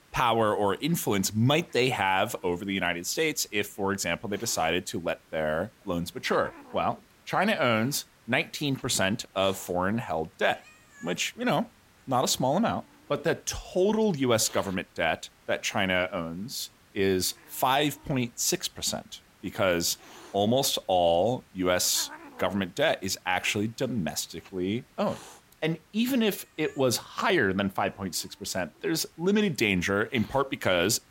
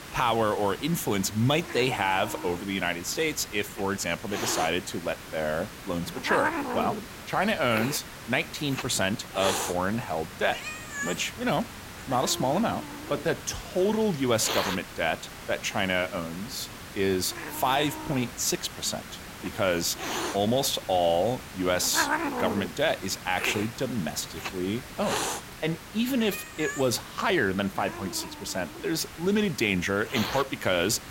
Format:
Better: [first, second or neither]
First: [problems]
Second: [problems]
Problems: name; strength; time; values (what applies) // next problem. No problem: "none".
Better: first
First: hiss; faint; throughout; 25 dB below the speech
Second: hiss; loud; throughout; 8 dB below the speech